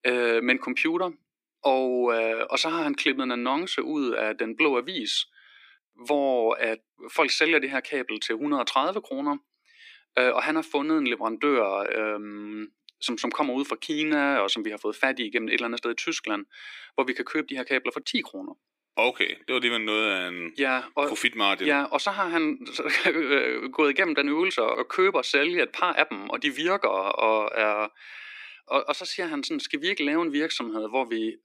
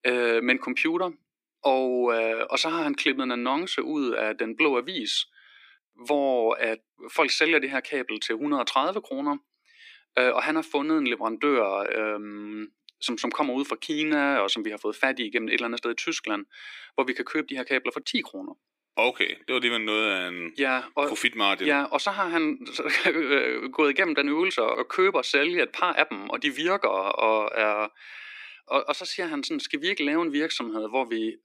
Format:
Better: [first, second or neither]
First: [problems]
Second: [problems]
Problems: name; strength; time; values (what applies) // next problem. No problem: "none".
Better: neither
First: thin; very slightly; fading below 300 Hz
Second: thin; very slightly; fading below 300 Hz